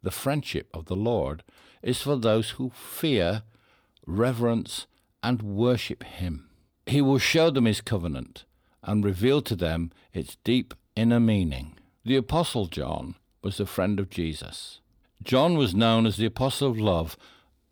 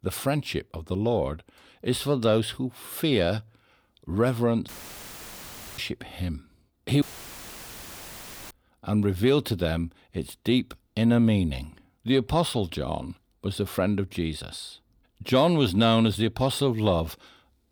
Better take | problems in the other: first | audio cutting out; filled with static; at 4.5 s for 1 s and at 7 s for 1.5 s

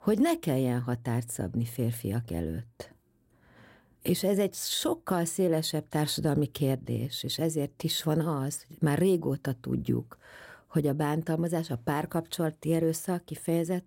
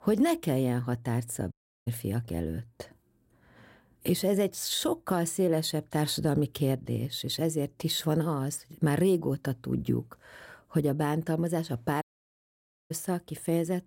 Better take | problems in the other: first | audio cutting out; at 1.5 s and at 12 s for 1 s

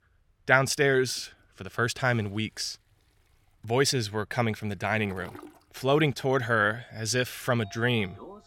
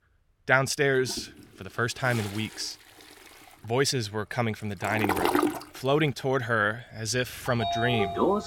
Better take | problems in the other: first | household noises; loud; throughout; 2 dB below the speech; faint in the first

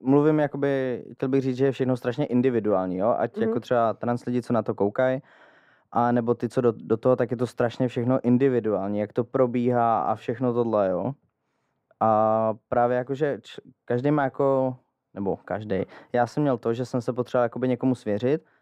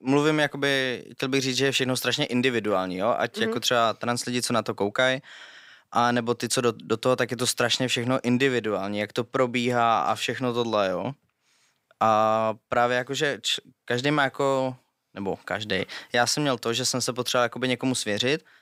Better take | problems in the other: second | muffled; very; fading above 1.5 kHz

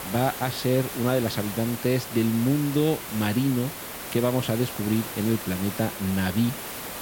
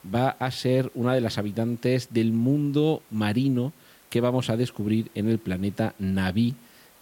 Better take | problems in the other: second | hiss; loud; throughout; 8 dB below the speech; faint in the second

